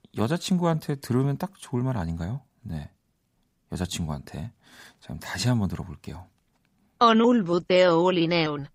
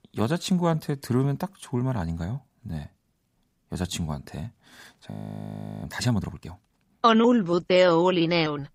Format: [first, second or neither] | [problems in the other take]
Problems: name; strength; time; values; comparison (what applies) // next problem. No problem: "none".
first | audio freezing; at 5 s for 0.5 s